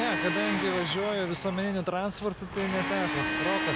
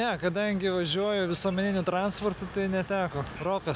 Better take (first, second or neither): second